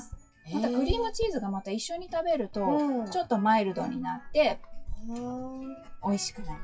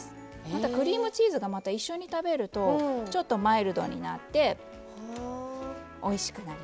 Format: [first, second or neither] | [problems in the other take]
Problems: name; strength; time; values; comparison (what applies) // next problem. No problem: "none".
second | noise reduction (classical method WPE with log-MMSE)